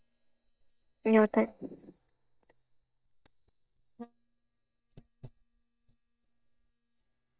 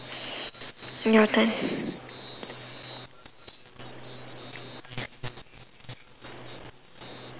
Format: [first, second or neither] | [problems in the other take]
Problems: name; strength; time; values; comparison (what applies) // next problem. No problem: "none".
second | noise reduction (neural mask model DeepFilterNet 3)